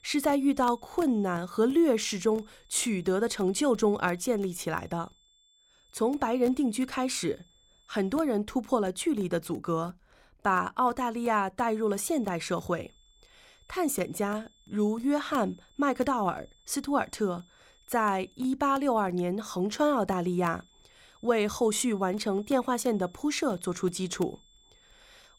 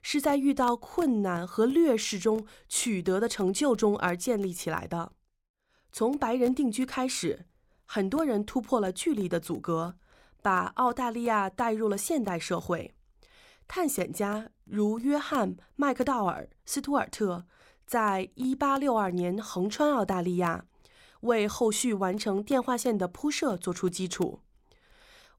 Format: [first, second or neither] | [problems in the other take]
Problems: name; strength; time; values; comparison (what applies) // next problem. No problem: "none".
second | high-pitched whine; faint; until 8 s, from 12 to 18 s and from 20 s on; 3.5 kHz, 30 dB below the speech